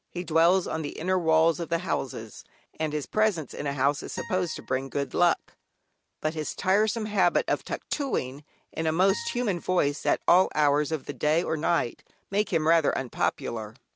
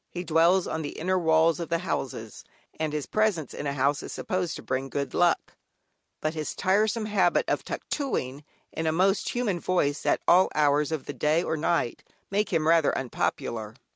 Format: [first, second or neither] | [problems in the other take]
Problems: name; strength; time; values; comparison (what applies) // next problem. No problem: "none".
second | background sound (Acoustic guitar); 19 dB below the speech